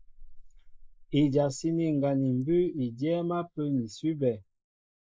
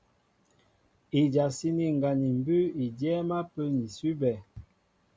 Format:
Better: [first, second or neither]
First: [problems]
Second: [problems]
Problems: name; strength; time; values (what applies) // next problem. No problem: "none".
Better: second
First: noise reduction (neural mask model Resemble Enhance denoiser)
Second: none